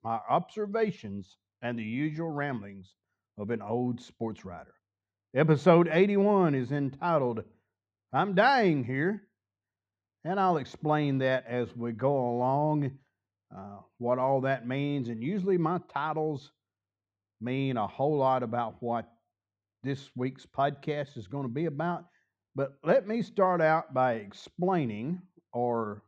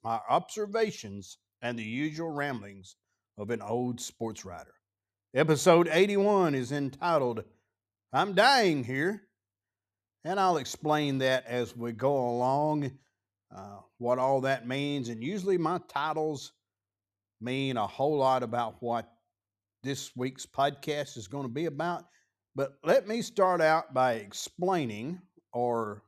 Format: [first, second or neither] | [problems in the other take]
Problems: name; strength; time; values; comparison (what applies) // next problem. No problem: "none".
second | muffled; slightly; fading above 2.5 kHz